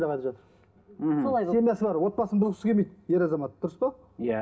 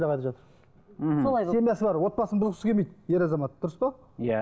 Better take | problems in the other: second | room echo; dies away in 0.3 s

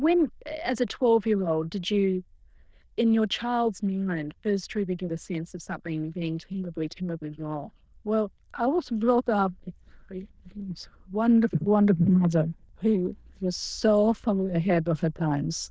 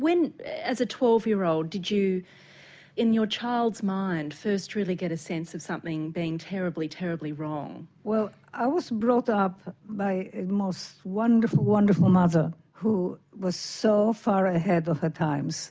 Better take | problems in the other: second | noise reduction (neural diffusion model UNIVERSE++)

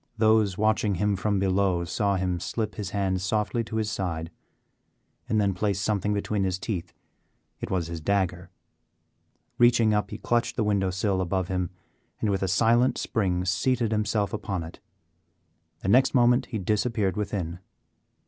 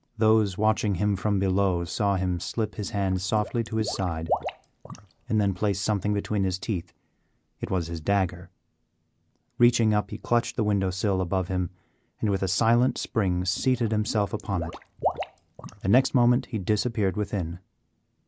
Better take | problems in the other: first | background sound (Water / Liquid); 11 dB below the speech

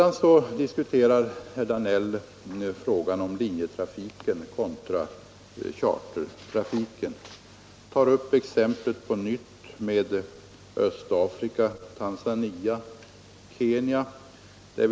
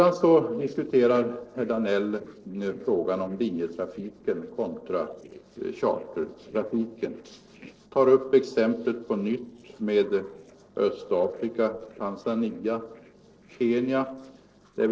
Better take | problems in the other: first | noise reduction (neural separator model SepFormer DNS4)

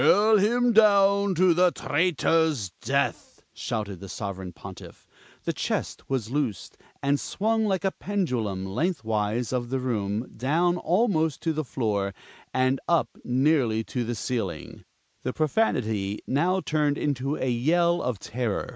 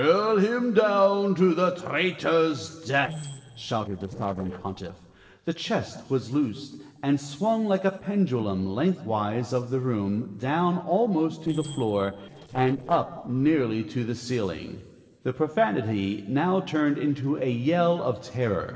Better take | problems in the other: first | noise reduction (neural separator model SepFormer DNS4)

